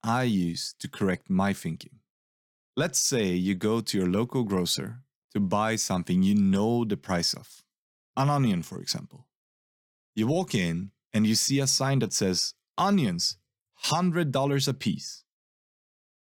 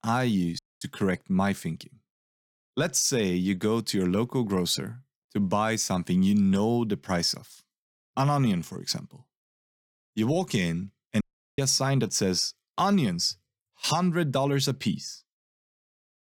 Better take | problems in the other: first | audio cutting out; at 0.5 s and at 11 s

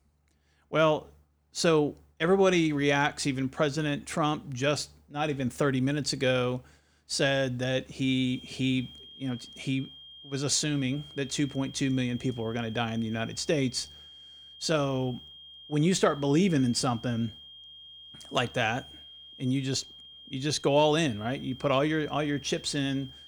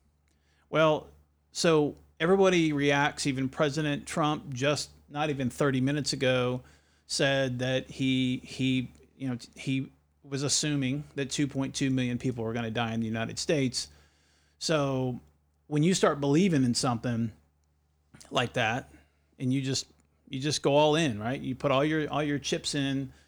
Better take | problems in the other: second | high-pitched whine; noticeable; from 8.5 s on; 3 kHz, 20 dB below the speech

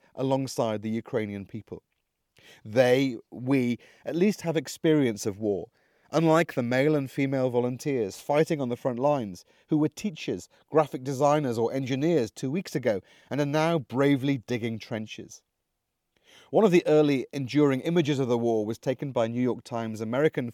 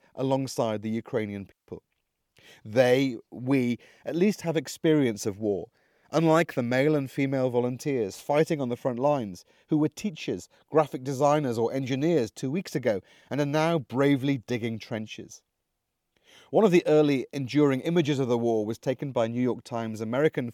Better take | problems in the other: first | audio cutting out; at 1.5 s

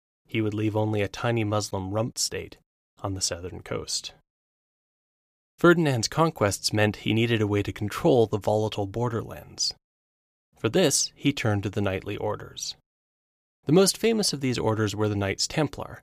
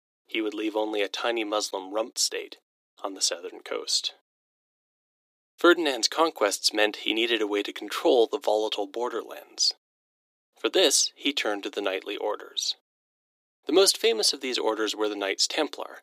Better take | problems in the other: first | thin; very; fading below 300 Hz

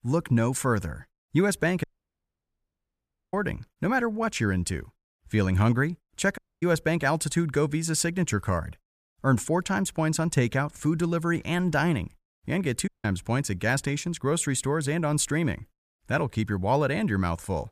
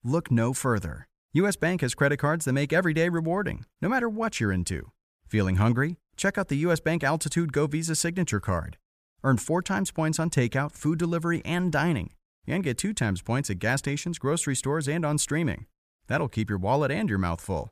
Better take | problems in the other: second | audio cutting out; at 2 s for 1.5 s, at 6.5 s and at 13 s

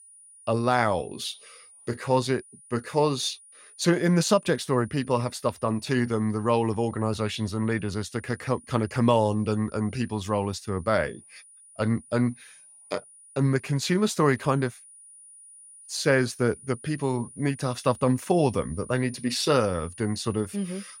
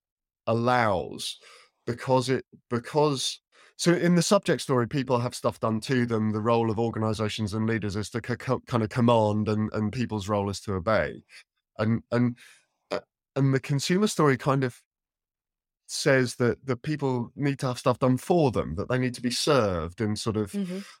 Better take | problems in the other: second | high-pitched whine; faint; throughout; 9.5 kHz, 20 dB below the speech

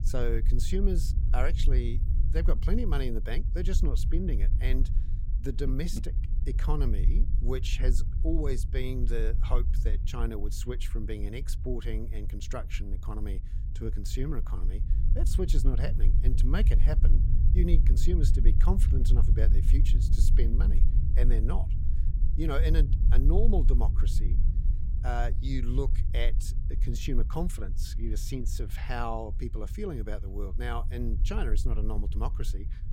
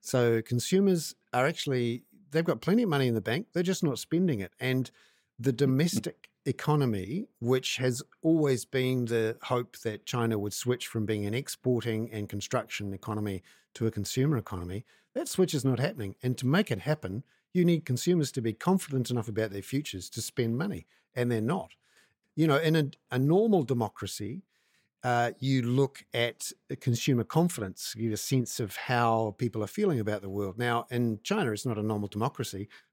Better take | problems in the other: second | low rumble; loud; throughout; 10 dB below the speech

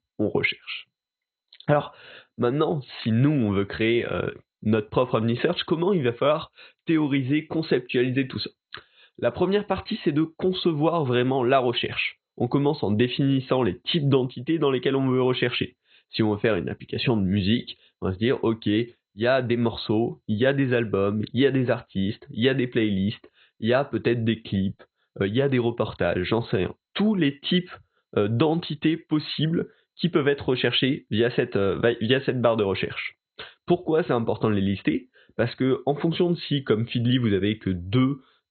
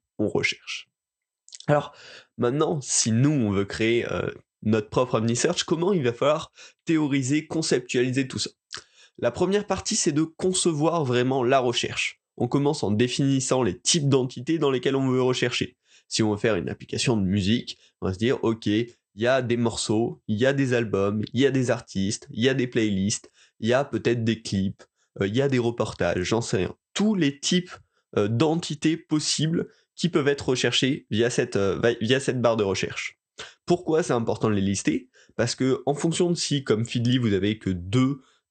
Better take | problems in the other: second | garbled, watery; badly; nothing above 4 kHz; slightly in the second

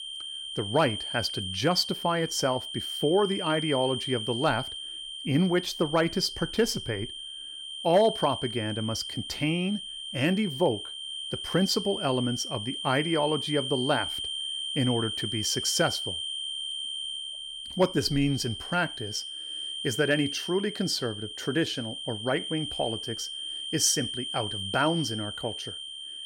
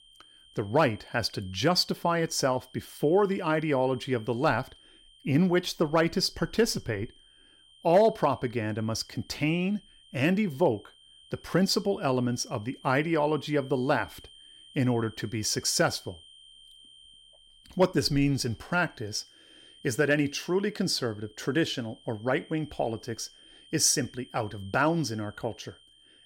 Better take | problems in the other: second | high-pitched whine; loud; throughout; 3 kHz, 5 dB below the speech; faint in the second

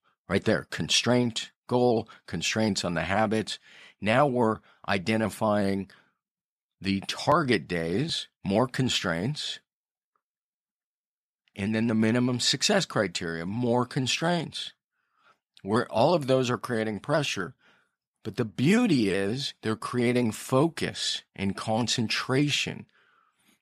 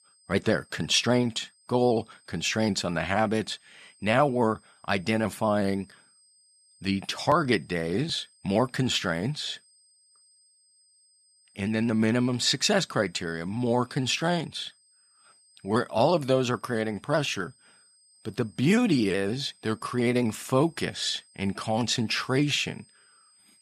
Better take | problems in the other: first | high-pitched whine; faint; throughout; 8.5 kHz, 30 dB below the speech

